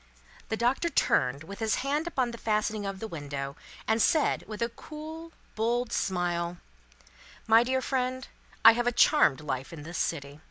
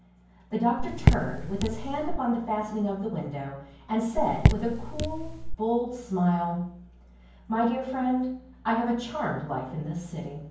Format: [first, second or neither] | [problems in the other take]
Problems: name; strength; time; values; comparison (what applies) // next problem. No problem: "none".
first | background sound (Raindrop / Drip); 4 dB above the speech // room echo; dies away in 0.9 s